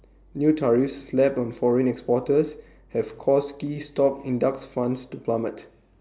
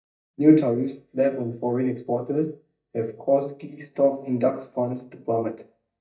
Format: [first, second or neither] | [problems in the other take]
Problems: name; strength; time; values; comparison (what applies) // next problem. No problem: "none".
first | noise reduction (neural mask model DeepFilterNet 3)